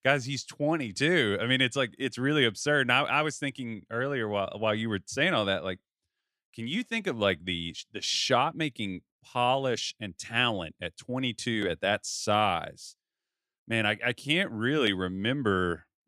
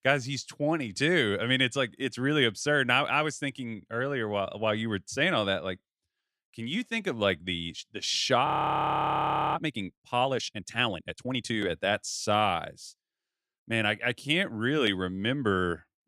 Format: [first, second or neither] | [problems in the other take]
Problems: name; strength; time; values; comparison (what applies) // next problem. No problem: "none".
first | audio freezing; at 8.5 s for 1 s